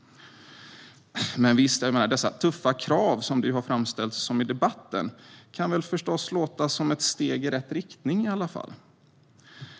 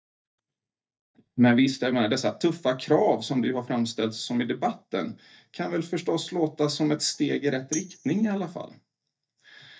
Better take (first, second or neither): first